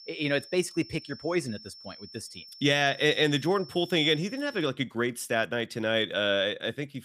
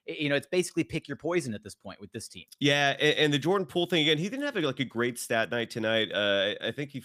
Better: second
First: high-pitched whine; noticeable; until 4.5 s; 5.5 kHz, 20 dB below the speech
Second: none

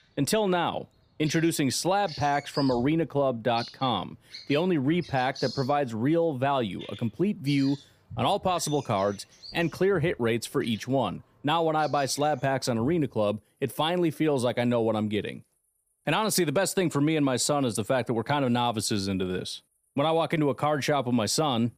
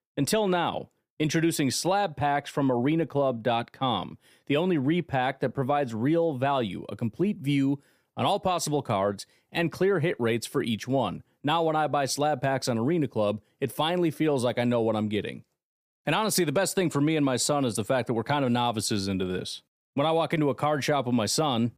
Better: second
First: animal sounds; noticeable; throughout; 20 dB below the speech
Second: none

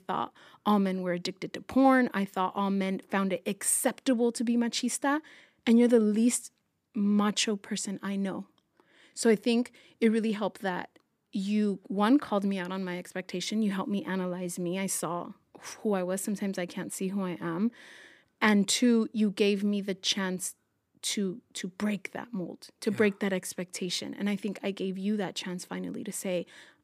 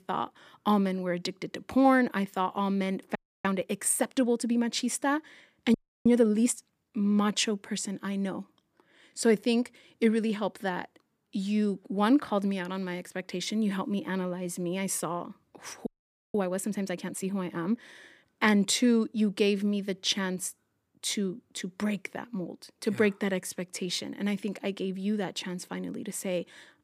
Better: first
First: none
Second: audio freezing; at 3 s, at 5.5 s and at 16 s

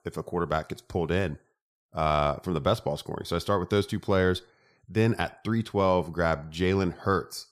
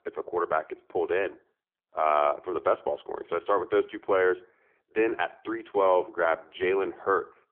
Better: first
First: none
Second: phone-call audio; poor line; nothing above 3.5 kHz

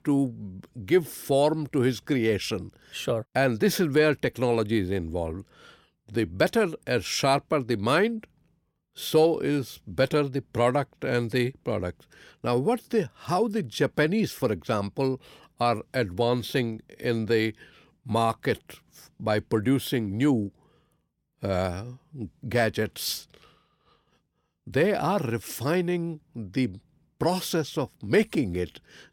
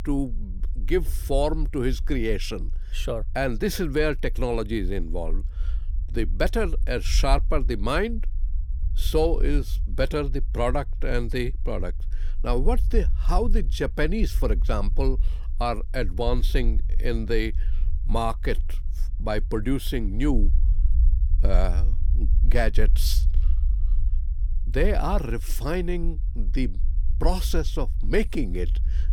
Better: first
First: none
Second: low rumble; faint; throughout; 20 dB below the speech

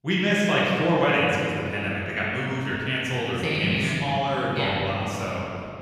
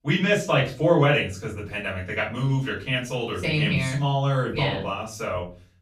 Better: second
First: room echo; strong; dies away in 2.6 s // off-mic speech; far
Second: room echo; slight; dies away in 0.4 s // off-mic speech; far

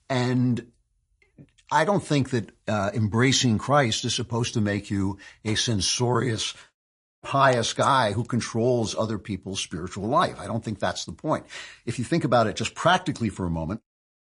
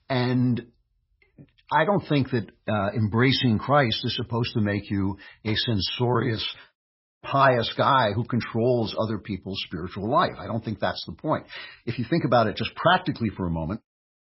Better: first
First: garbled, watery; slightly; nothing above 10.5 kHz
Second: garbled, watery; badly; nothing above 5.5 kHz

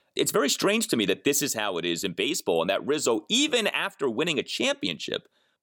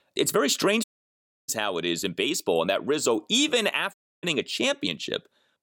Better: first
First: none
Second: audio cutting out; at 1 s for 0.5 s and at 4 s

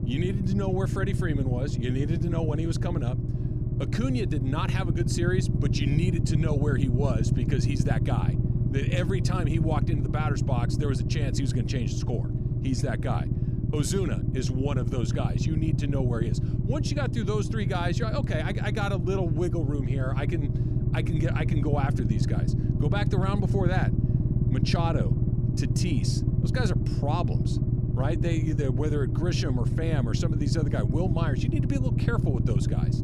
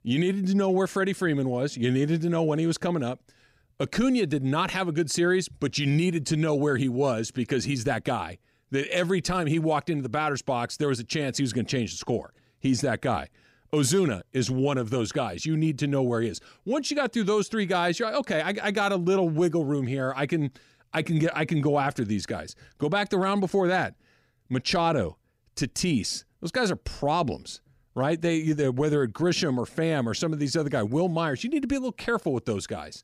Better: second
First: low rumble; loud; throughout; 4 dB below the speech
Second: none

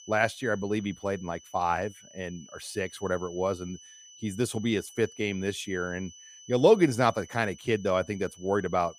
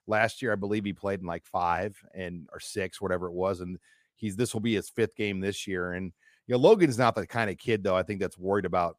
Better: second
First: high-pitched whine; faint; throughout; 6 kHz, 20 dB below the speech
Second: none

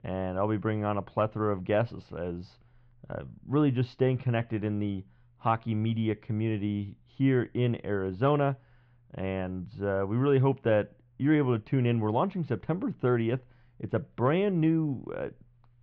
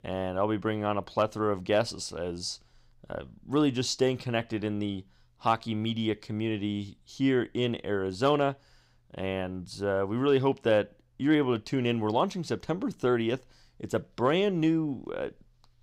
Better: second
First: muffled; very; fading above 2.5 kHz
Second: none

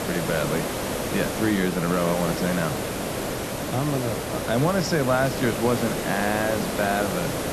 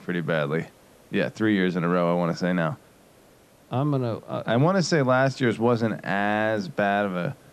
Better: second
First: hiss; loud; throughout; 3 dB below the speech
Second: hiss; faint; throughout; 30 dB below the speech

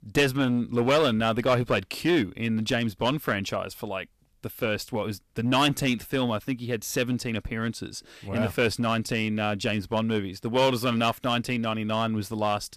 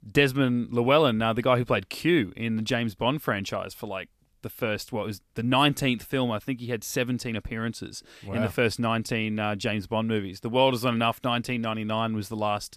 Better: second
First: distortion; slight; 5% of the sound clipped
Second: none

